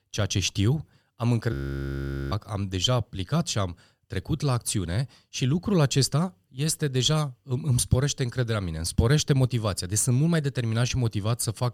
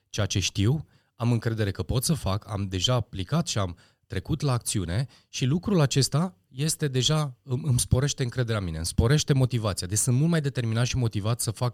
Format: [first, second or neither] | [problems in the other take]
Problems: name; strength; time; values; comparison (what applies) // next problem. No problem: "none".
second | audio freezing; at 1.5 s for 1 s